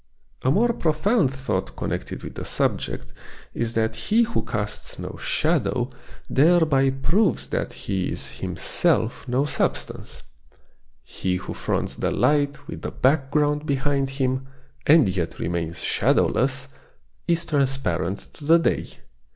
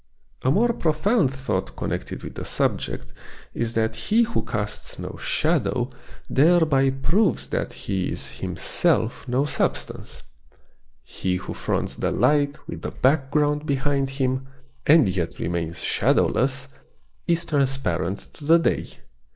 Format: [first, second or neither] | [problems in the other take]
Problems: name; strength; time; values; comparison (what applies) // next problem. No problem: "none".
first | noise reduction (neural mask model Resemble Enhance denoiser)